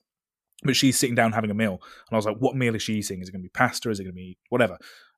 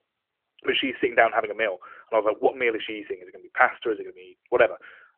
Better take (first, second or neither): first